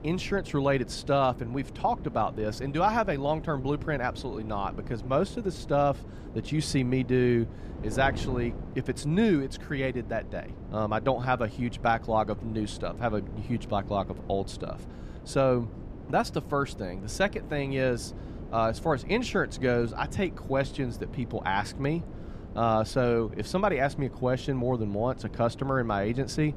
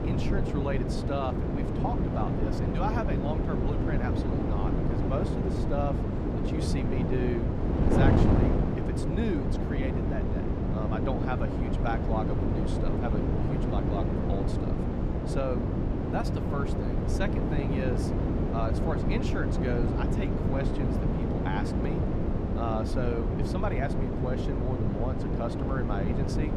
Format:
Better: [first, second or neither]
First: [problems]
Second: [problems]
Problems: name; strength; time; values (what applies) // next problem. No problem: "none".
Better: first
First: wind noise on the microphone; occasional gusts; 20 dB below the speech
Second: wind noise on the microphone; heavy; 1 dB above the speech